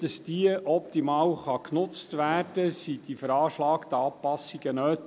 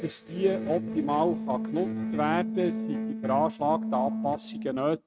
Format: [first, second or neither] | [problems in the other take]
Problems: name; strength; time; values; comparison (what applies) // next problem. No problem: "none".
first | noise reduction (neural mask model RNNoise)